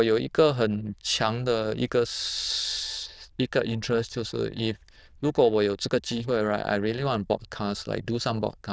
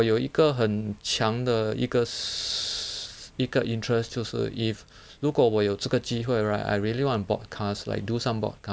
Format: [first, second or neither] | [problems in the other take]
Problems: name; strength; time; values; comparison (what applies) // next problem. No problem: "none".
second | noise reduction (neural diffusion model UNIVERSE++)